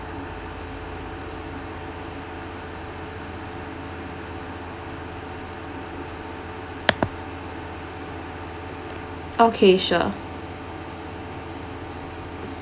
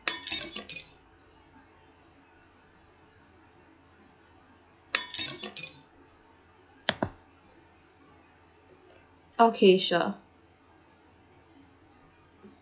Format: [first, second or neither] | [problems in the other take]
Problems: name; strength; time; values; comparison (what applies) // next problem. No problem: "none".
first | noise reduction (classical method log-MMSE)